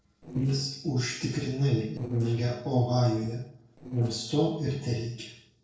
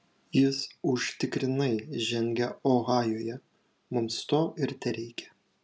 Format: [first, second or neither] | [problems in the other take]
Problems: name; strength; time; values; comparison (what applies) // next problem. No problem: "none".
second | noise reduction (neural separator model SepFormer DNS4)